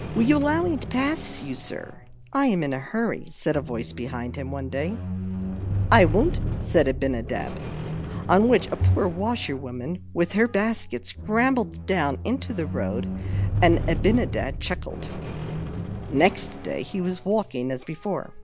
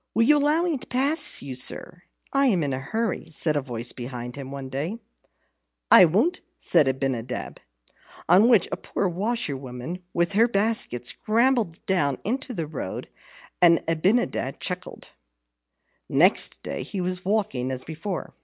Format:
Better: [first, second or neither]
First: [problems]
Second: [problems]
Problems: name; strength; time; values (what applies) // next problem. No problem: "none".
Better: second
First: background sound (Squeak + Bowed string instrument); 5 dB below the speech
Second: none